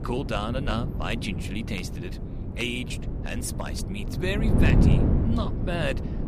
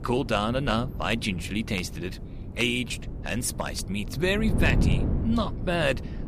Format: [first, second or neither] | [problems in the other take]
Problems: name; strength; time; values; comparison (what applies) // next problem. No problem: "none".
second | wind noise on the microphone; heavy; 4 dB below the speech; occasional gusts in the second